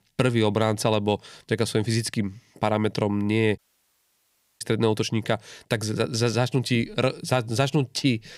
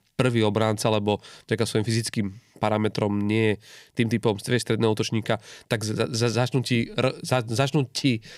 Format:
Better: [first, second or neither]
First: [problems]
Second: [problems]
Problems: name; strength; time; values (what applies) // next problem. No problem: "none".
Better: second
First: audio cutting out; at 3.5 s for 1 s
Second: none